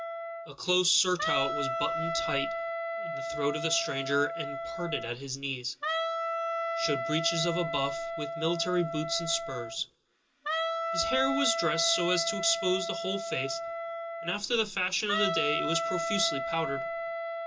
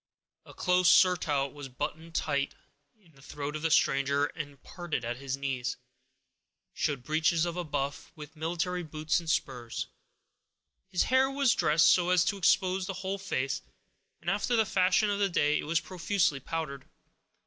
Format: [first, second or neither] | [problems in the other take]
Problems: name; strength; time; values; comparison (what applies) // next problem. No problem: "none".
second | background sound (Wind instrument, woodwind instrument); 2 dB below the speech // room echo; dies away in 0.2 s